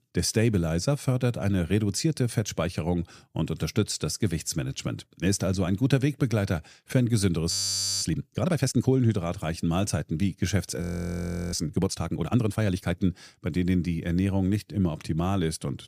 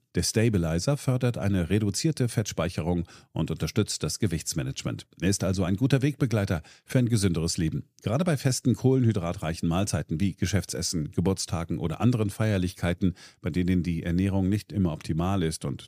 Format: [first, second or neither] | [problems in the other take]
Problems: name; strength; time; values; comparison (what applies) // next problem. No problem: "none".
second | audio freezing; at 7.5 s for 0.5 s and at 11 s for 0.5 s